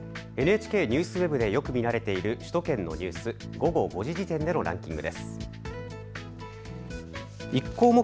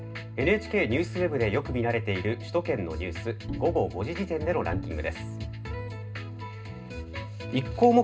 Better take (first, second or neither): first